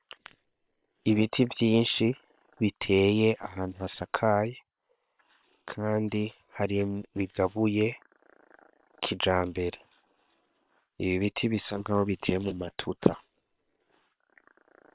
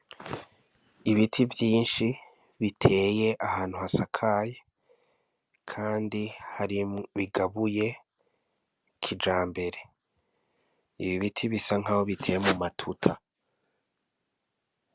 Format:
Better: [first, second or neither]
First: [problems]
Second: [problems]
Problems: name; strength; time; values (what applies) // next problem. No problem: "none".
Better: second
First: noise reduction (neural separator model SepFormer WHAM!)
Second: none